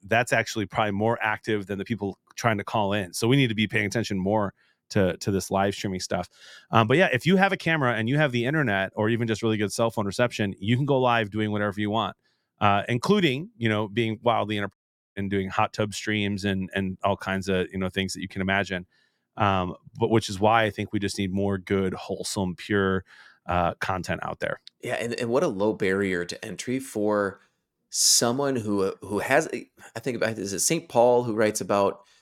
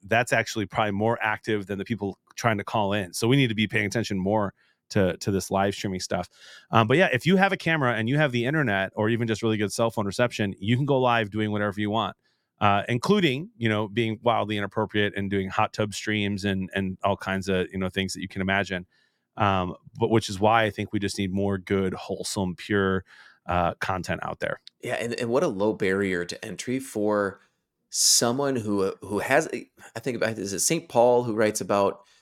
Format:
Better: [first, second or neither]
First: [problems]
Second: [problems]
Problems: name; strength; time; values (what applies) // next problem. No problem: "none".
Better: second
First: audio cutting out; at 15 s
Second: none